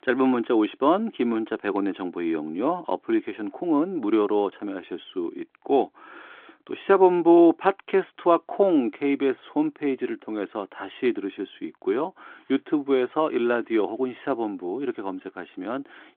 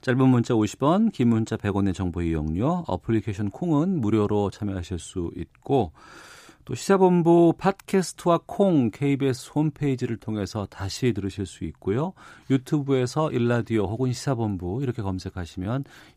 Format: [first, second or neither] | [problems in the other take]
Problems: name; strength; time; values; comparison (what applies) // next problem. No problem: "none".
second | phone-call audio; nothing above 3.5 kHz